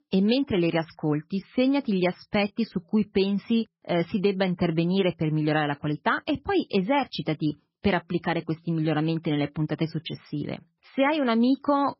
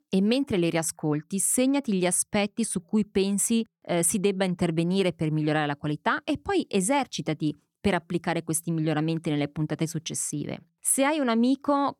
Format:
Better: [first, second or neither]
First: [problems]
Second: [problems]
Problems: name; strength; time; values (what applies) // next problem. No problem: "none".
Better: second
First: garbled, watery; badly; nothing above 5.5 kHz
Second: none